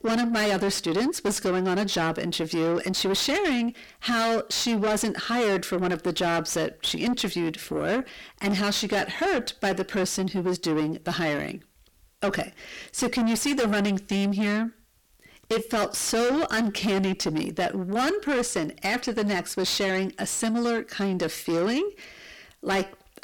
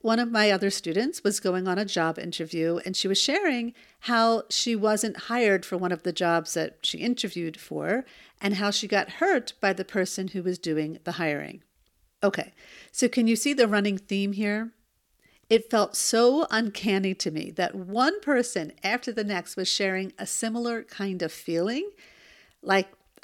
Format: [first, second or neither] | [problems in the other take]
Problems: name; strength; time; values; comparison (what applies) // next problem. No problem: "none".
second | distortion; heavy; 5 dB below the speech